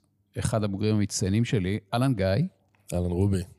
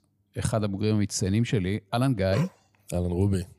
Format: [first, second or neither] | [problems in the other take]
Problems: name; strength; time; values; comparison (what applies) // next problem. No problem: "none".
first | dog barking; faint; at 2.5 s; peak 10 dB below the speech